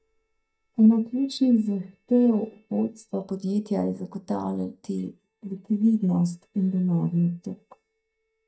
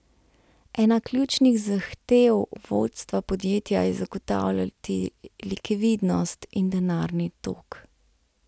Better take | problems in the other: second | noise reduction (neural mask model DeepFilterNet 3)

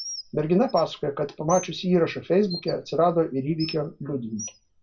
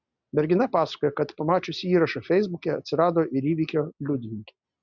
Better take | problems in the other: second | background sound (Bird); 17 dB below the speech // room echo; dies away in 0.2 s

